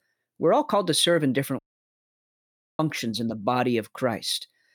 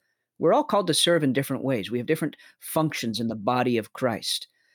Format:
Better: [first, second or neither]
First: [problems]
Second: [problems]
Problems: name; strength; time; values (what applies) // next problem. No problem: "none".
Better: second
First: audio cutting out; at 1.5 s for 1 s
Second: none